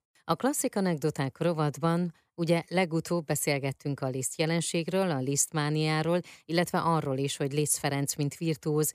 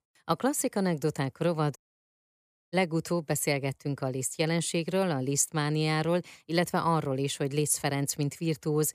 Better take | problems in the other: first | audio cutting out; at 2 s for 1 s

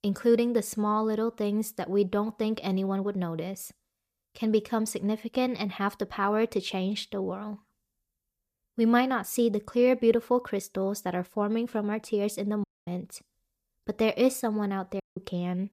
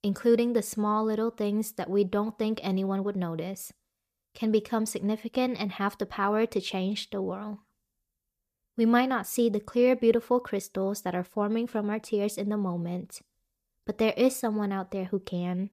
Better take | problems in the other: second | audio cutting out; at 13 s and at 15 s

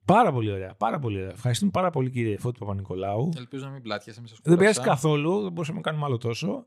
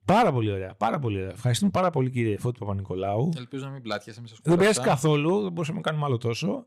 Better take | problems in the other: first | distortion; slight; 3% of the sound clipped

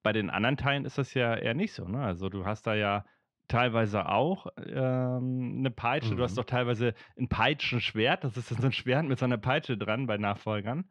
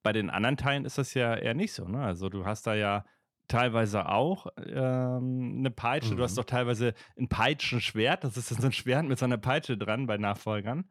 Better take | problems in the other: second | muffled; very slightly; fading above 3.5 kHz

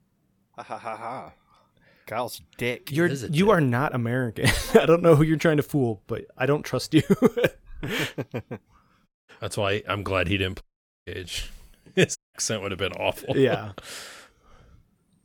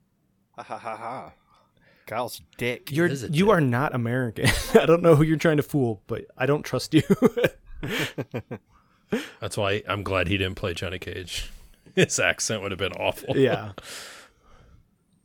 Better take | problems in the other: second | audio cutting out; at 9 s, at 11 s and at 12 s

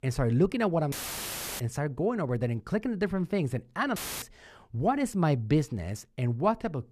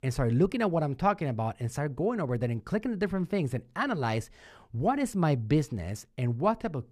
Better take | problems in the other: second | audio cutting out; filled with static; at 1 s for 0.5 s and at 4 s

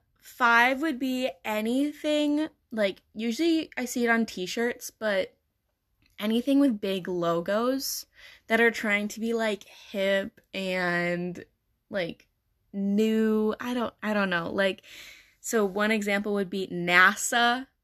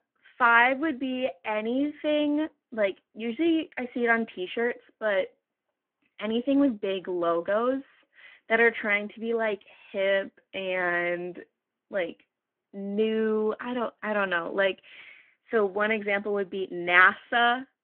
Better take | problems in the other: first | phone-call audio

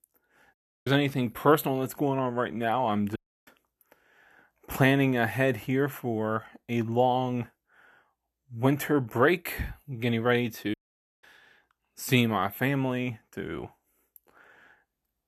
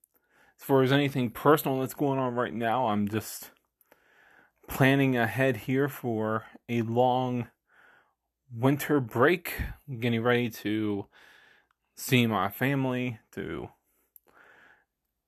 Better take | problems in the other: second | audio cutting out; at 0.5 s, at 3 s and at 11 s

